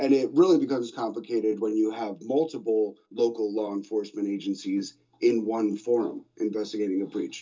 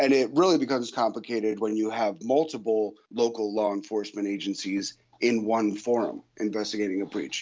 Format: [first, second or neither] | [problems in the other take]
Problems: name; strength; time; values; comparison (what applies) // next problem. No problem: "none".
second | room echo; dies away in 0.2 s